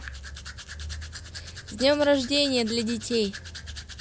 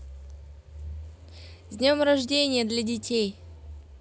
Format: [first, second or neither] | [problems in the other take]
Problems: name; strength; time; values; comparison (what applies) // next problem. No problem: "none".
second | background sound (Domestic sounds, home sounds); 14 dB below the speech